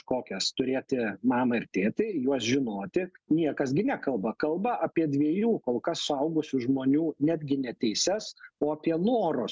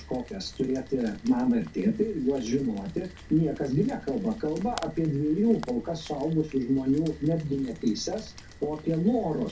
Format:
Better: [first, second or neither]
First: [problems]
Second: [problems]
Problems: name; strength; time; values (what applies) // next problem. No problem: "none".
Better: first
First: none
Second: background sound (Rain); 18 dB below the speech // room echo; dies away in 0.3 s